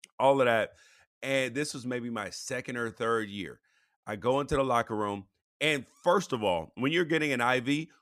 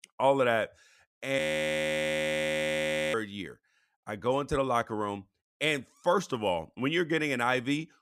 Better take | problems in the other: first | audio freezing; at 1.5 s for 2 s

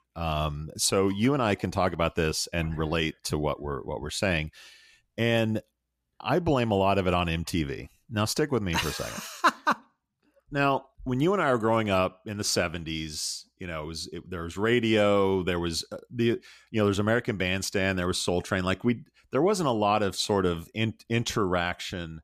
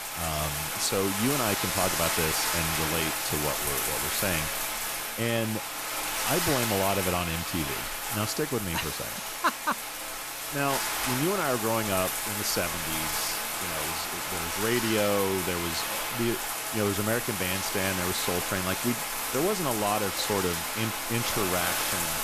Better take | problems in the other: first | household noises; very loud; throughout; 2 dB above the speech

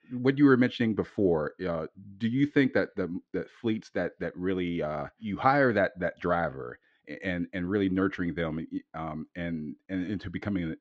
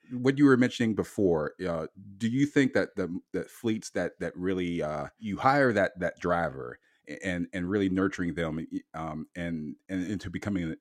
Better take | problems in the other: second | muffled; very slightly; fading above 4 kHz

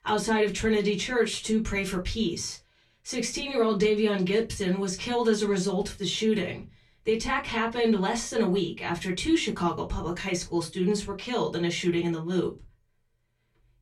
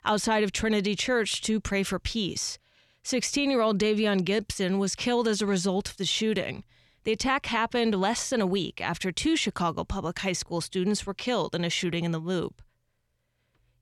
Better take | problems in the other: second | off-mic speech; far // room echo; very slight; dies away in 0.2 s

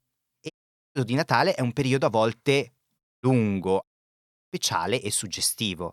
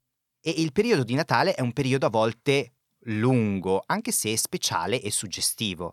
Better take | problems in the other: second | audio cutting out; at 0.5 s, at 3 s and at 4 s for 0.5 s

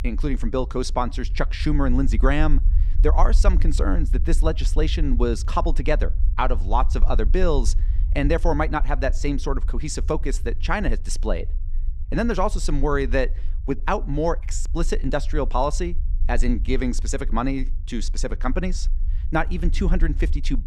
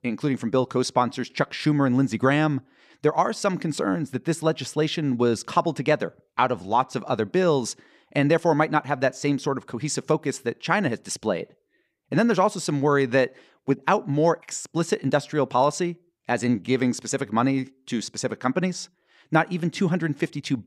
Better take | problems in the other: second | low rumble; faint; throughout; 20 dB below the speech

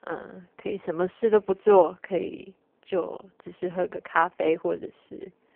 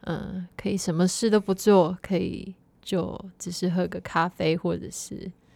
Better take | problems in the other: second | phone-call audio; poor line

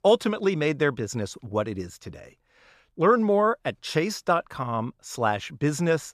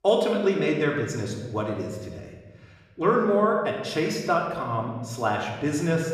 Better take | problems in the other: first | room echo; noticeable; dies away in 1.2 s // off-mic speech; somewhat distant

